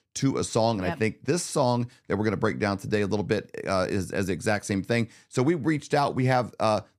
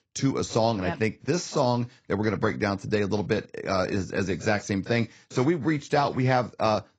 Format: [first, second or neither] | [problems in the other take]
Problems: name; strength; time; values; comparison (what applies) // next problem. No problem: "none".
first | garbled, watery; badly; nothing above 7.5 kHz